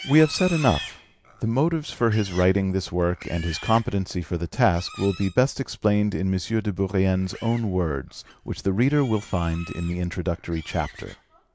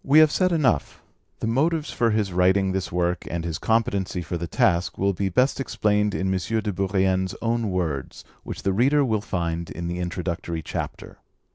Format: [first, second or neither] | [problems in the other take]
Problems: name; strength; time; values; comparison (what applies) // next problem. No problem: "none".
second | background sound (Livestock, farm animals, working animals); 18 dB below the speech